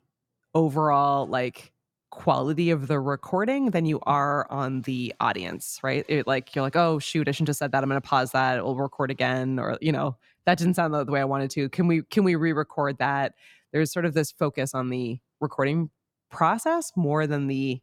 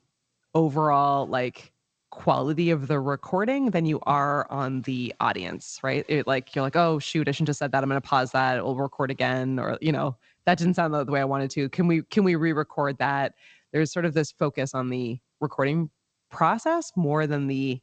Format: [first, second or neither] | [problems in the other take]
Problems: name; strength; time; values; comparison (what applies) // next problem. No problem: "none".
first | garbled, watery; slightly; nothing above 7.5 kHz